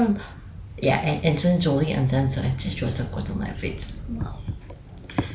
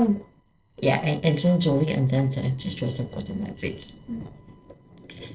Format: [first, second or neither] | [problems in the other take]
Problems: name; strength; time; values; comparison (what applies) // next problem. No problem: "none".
first | noise reduction (neural separator model SepFormer DNS4)